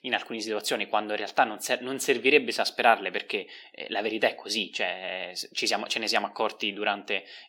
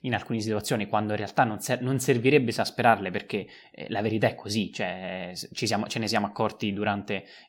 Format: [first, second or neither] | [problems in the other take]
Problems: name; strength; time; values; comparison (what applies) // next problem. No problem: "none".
second | thin; somewhat; fading below 300 Hz